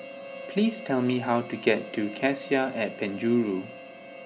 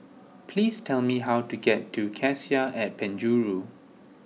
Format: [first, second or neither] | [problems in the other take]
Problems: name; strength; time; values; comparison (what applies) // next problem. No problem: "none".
second | background sound (Harmonica); 14 dB below the speech